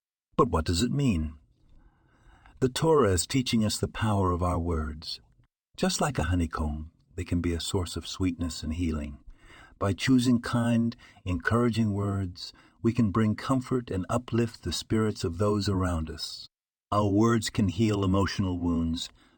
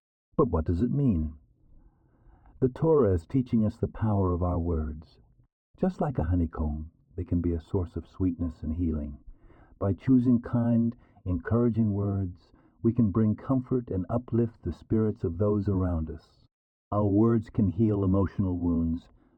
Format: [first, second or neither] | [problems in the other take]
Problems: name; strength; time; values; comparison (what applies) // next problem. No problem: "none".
first | muffled; very; fading above 2 kHz